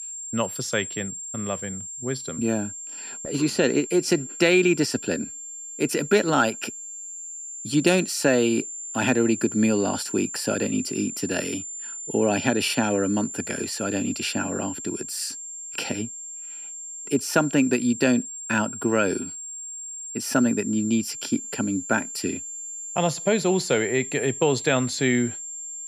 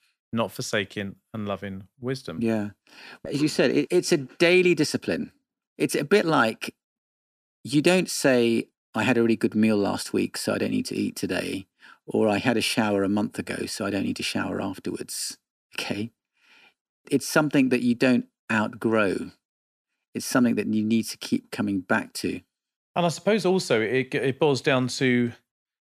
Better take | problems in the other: second | high-pitched whine; loud; throughout; 7.5 kHz, 8 dB below the speech

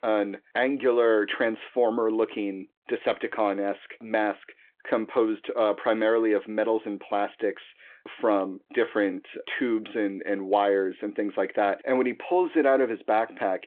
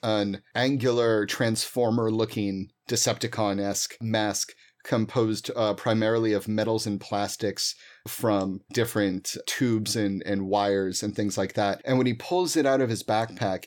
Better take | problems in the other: second | phone-call audio

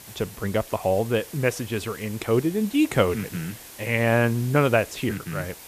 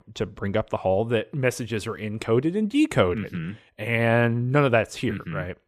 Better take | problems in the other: second | hiss; noticeable; throughout; 15 dB below the speech

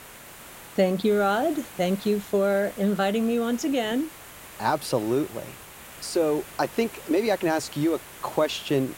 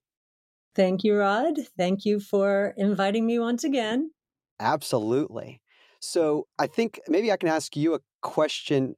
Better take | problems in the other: second | hiss; noticeable; throughout; 15 dB below the speech

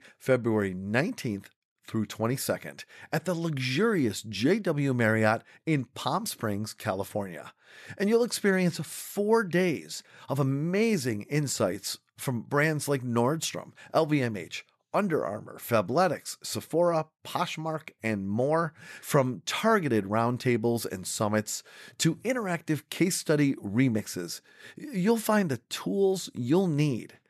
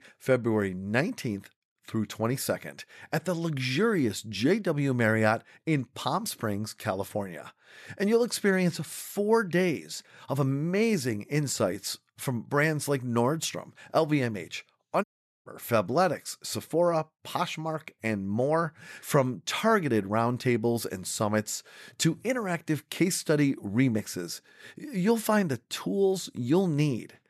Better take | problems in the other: first | audio cutting out; at 15 s

